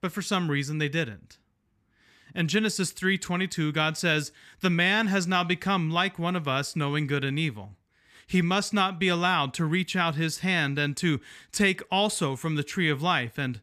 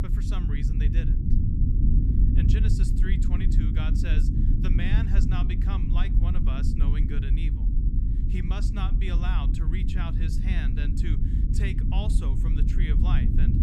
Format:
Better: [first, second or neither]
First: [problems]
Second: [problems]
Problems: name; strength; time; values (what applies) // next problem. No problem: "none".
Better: first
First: none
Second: low rumble; loud; throughout; 1 dB below the speech